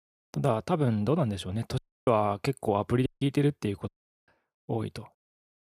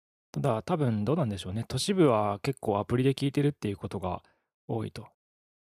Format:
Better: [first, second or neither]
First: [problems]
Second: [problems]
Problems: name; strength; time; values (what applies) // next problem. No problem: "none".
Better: second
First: audio cutting out; at 2 s, at 3 s and at 4 s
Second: none